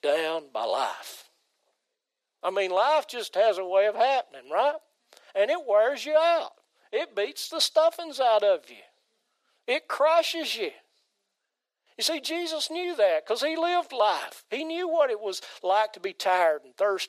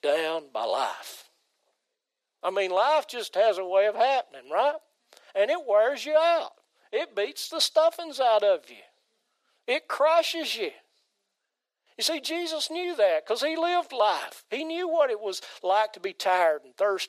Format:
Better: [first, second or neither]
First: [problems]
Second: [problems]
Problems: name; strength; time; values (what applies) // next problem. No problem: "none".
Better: neither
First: thin; very; fading below 450 Hz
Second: thin; very; fading below 450 Hz